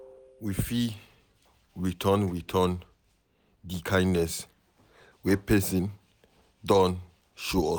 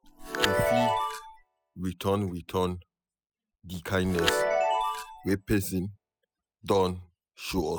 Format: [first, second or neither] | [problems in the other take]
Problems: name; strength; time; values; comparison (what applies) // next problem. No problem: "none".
first | noise reduction (classical method spectral subtraction)